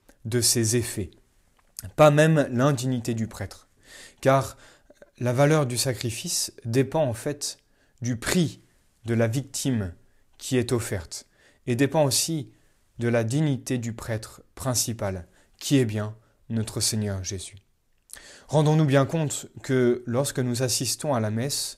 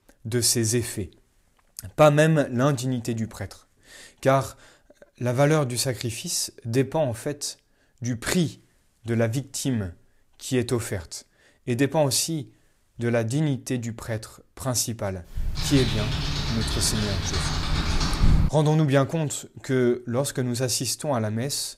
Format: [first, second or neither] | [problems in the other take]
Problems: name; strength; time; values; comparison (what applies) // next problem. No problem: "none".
first | keyboard typing; loud; from 15 to 18 s; peak 2 dB above the speech